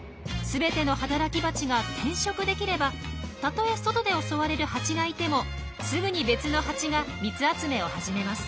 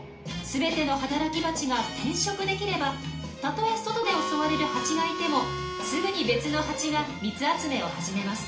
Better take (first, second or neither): first